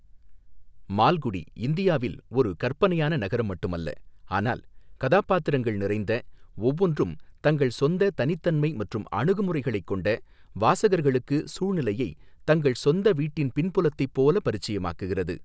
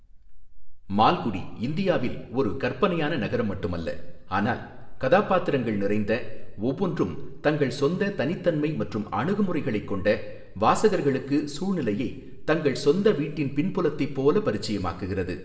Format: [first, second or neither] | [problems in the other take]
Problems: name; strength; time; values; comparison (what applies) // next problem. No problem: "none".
first | room echo; dies away in 0.8 s